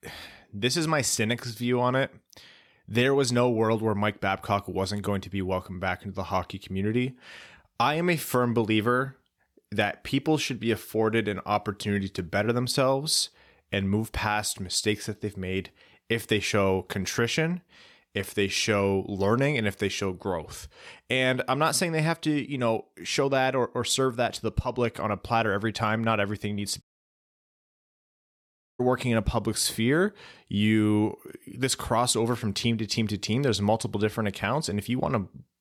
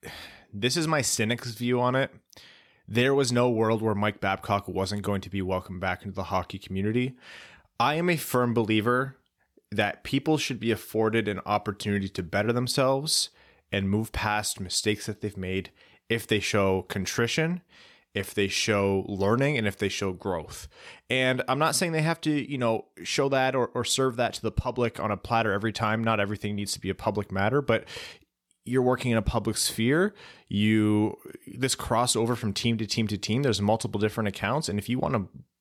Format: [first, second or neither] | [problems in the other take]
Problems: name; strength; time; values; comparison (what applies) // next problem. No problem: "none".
second | audio cutting out; at 27 s for 2 s